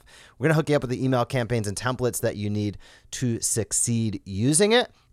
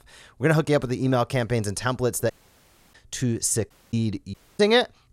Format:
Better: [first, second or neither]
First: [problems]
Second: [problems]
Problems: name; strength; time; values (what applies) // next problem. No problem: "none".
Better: first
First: none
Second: audio cutting out; at 2.5 s for 0.5 s, at 3.5 s and at 4.5 s